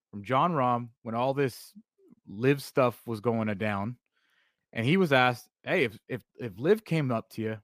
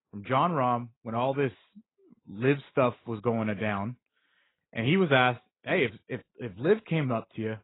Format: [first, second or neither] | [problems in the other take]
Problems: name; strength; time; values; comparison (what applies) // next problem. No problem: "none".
first | garbled, watery; badly; nothing above 3.5 kHz